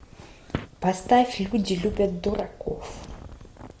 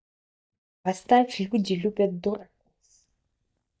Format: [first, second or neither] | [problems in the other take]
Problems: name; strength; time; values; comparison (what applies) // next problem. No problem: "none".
first | noise reduction (neural mask model DeepFilterNet 3)